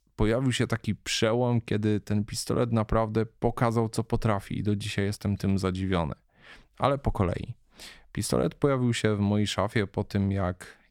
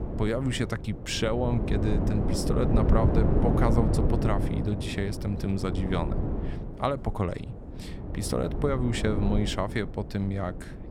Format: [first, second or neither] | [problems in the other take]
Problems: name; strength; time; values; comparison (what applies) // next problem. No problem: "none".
first | wind noise on the microphone; heavy; 4 dB below the speech